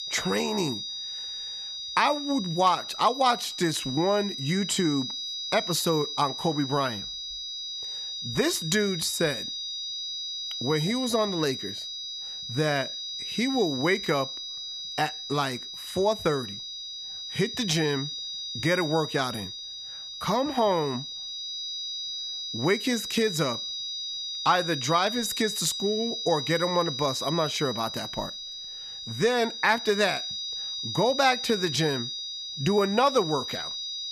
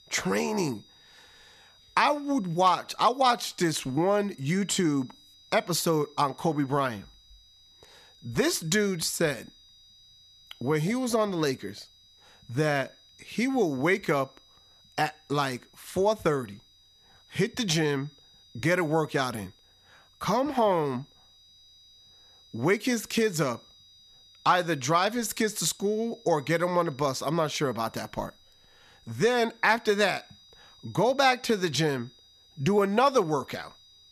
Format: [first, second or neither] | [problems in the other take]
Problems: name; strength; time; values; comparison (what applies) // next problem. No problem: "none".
second | high-pitched whine; loud; throughout; 4 kHz, 6 dB below the speech; faint in the second